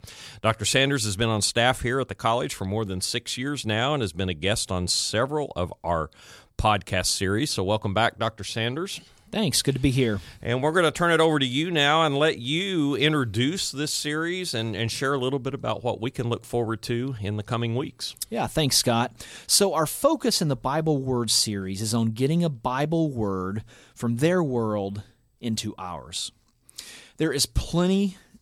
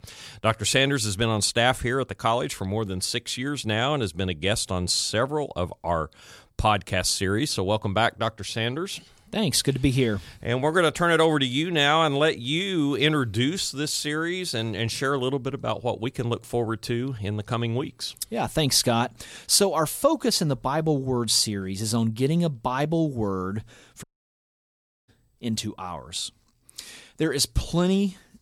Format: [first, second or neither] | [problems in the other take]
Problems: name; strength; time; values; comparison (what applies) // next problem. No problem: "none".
first | audio cutting out; at 24 s for 1 s